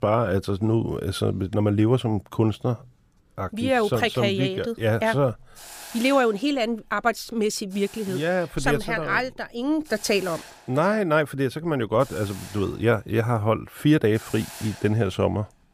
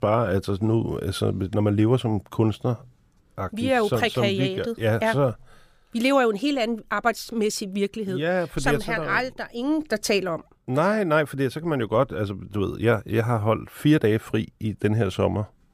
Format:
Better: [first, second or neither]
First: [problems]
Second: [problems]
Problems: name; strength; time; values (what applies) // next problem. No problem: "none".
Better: second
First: hiss; noticeable; from 5 s on; 20 dB below the speech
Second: none